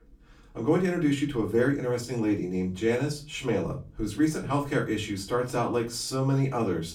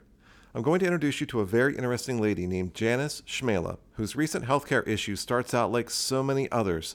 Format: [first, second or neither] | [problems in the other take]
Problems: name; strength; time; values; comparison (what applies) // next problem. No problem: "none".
second | off-mic speech; far // room echo; very slight; dies away in 0.3 s